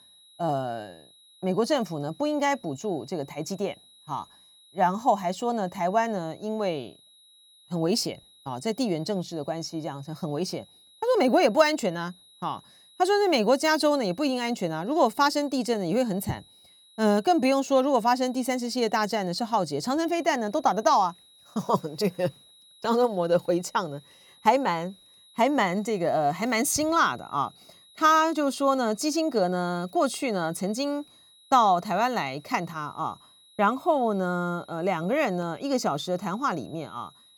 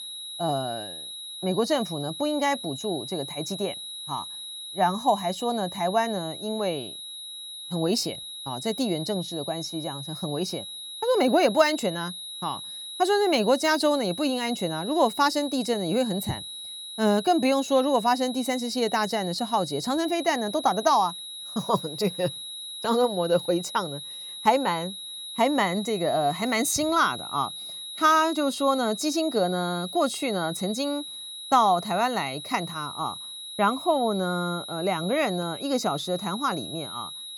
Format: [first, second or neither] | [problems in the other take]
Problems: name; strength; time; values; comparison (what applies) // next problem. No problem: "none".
first | high-pitched whine; loud; throughout; 4 kHz, 9 dB below the speech; faint in the first